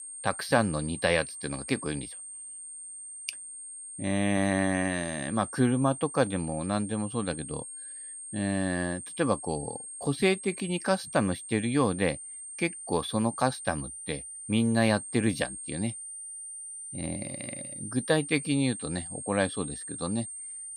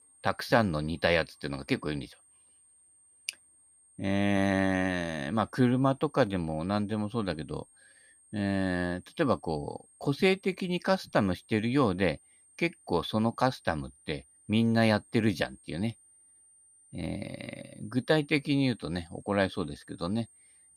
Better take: second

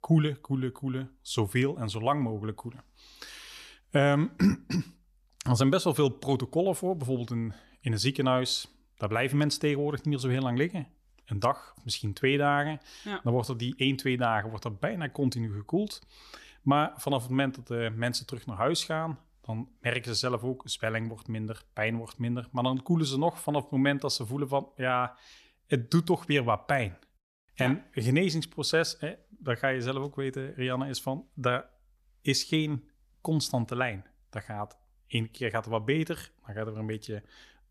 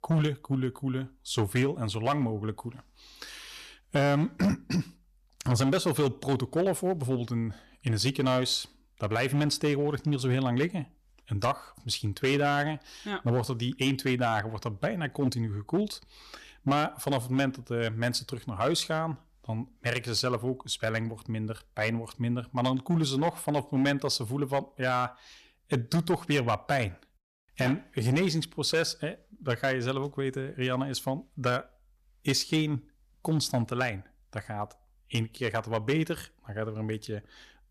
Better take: first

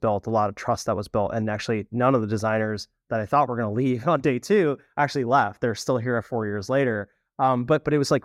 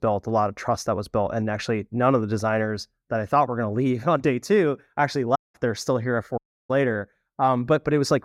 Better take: first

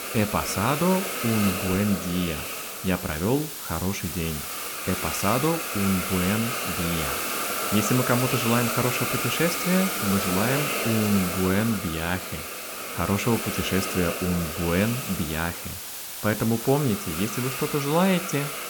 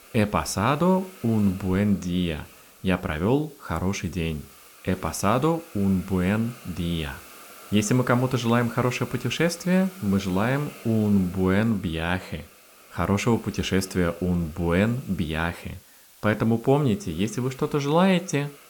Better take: second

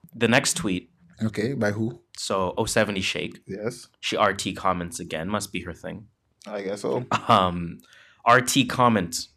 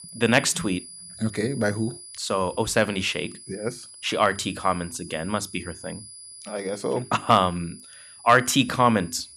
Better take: first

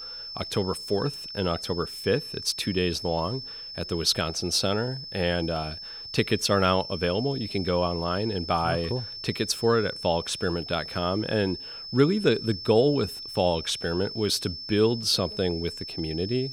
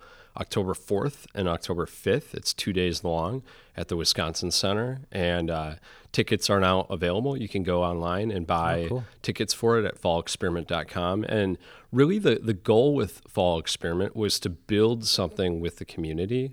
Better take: second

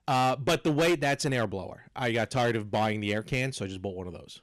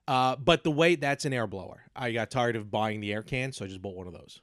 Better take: second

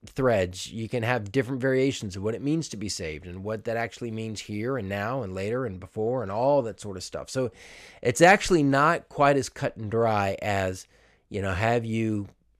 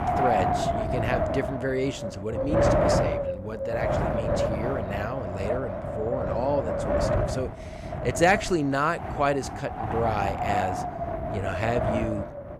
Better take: first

